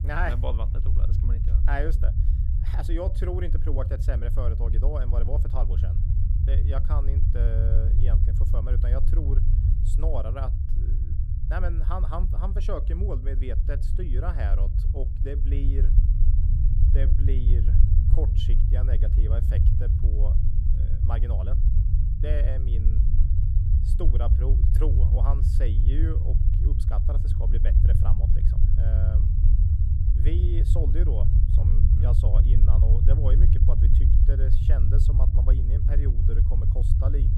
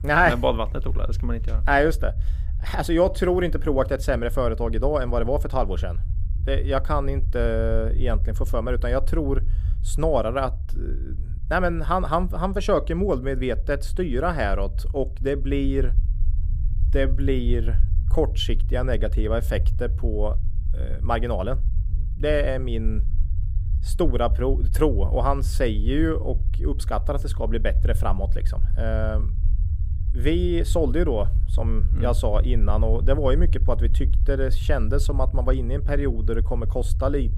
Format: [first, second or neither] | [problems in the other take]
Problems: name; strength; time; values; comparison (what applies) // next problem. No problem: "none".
second | low rumble; loud; throughout; 3 dB below the speech; faint in the second